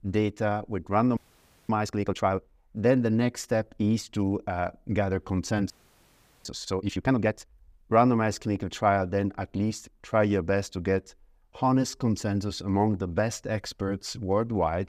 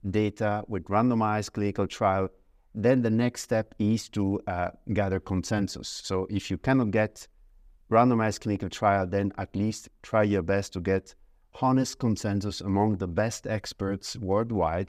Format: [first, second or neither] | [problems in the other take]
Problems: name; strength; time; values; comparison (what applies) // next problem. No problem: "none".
second | audio freezing; at 1 s for 0.5 s and at 5.5 s for 1 s